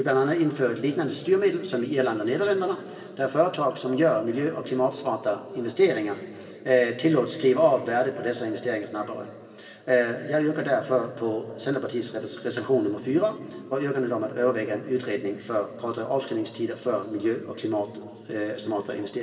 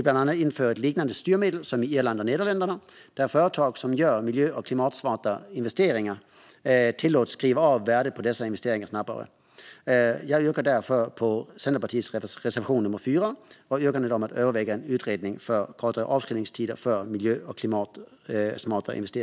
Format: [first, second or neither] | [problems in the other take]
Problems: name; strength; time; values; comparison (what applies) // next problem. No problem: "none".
second | room echo; dies away in 2.8 s